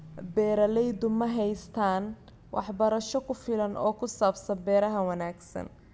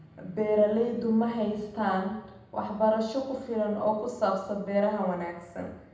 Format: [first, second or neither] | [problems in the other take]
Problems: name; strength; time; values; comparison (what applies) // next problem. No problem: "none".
first | room echo; dies away in 0.8 s